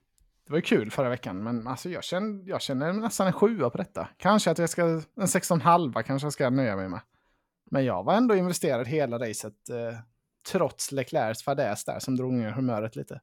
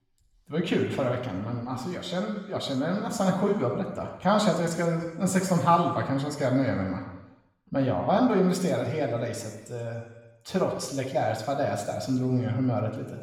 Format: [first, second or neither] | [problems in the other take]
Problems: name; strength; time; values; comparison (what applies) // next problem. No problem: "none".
first | room echo; noticeable; dies away in 1.1 s // off-mic speech; somewhat distant